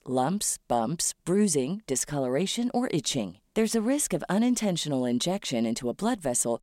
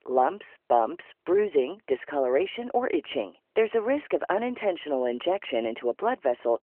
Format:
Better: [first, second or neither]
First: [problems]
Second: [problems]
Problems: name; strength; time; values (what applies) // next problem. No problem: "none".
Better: first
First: none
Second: phone-call audio; nothing above 3 kHz